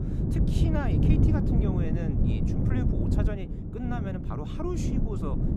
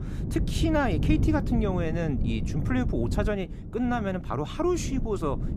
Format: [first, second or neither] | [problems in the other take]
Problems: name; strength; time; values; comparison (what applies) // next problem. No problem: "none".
second | wind noise on the microphone; heavy; 2 dB above the speech; occasional gusts in the second